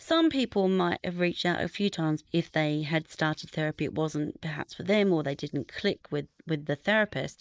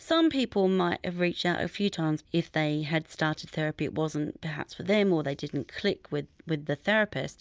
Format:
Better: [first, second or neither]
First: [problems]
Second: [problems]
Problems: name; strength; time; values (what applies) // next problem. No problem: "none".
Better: second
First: noise reduction (neural mask model Resemble Enhance denoiser)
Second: none